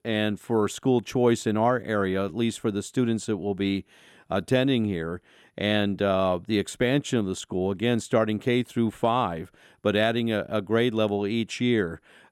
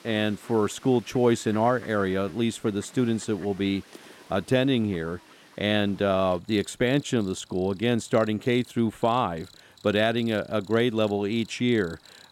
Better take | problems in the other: first | animal sounds; faint; throughout; 25 dB below the speech

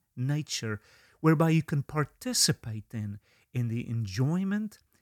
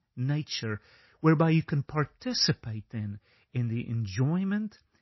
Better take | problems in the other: first | garbled, watery; slightly; nothing above 5.5 kHz

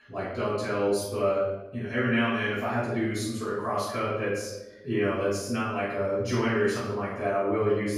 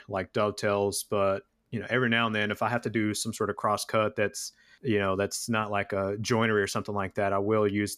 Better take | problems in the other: second | room echo; strong; dies away in 0.9 s // off-mic speech; far

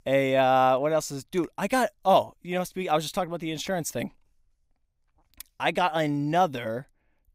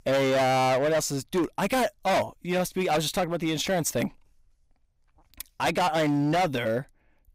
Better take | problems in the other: first | distortion; heavy; 17% of the sound clipped

